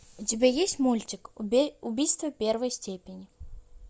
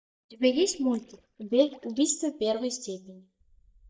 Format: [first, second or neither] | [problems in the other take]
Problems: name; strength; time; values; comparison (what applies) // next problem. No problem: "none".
first | noise reduction (neural mask model DeepFilterNet 3)